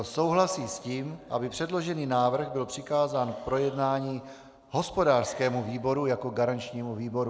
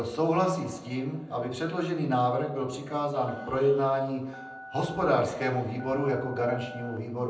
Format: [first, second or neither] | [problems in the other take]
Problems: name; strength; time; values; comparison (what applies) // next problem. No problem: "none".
first | background sound (Telephone); 17 dB below the speech // room echo; dies away in 0.6 s